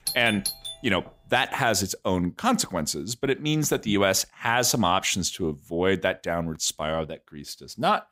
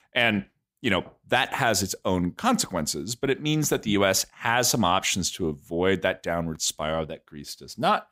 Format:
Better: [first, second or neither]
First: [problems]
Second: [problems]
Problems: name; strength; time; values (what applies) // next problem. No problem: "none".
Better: second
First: doorbell; noticeable; at the start; peak 5 dB below the speech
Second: none